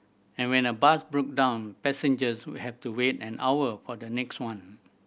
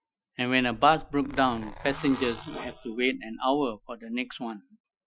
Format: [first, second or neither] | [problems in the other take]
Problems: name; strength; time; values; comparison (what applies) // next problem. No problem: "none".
first | noise reduction (classical method Wiener filter)